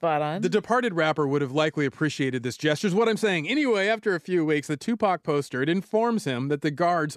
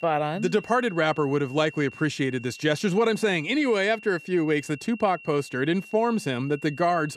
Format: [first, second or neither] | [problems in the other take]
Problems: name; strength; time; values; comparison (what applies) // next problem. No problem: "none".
first | high-pitched whine; noticeable; throughout; 2.5 kHz, 20 dB below the speech